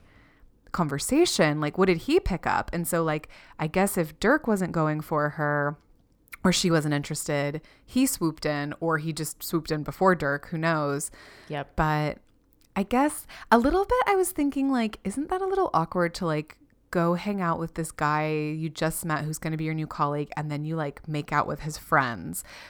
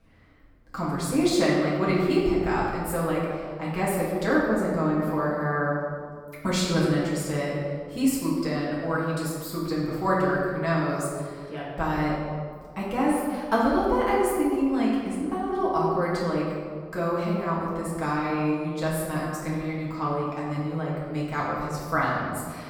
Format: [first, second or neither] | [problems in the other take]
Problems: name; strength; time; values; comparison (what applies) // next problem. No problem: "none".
first | room echo; noticeable; dies away in 1.7 s // off-mic speech; far